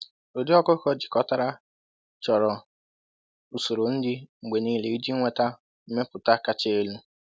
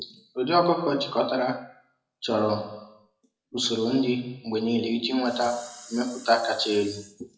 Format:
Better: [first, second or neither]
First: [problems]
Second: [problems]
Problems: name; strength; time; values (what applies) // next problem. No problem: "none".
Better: first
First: none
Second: noise reduction (classical method WPE with log-MMSE)